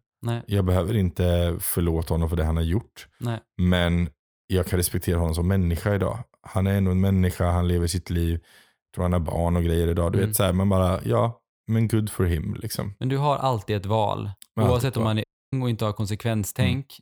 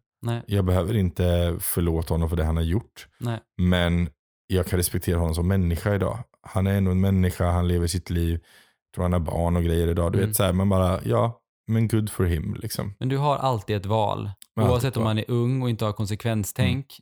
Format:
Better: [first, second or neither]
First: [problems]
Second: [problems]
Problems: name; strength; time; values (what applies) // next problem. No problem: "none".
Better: second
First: audio cutting out; at 15 s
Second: none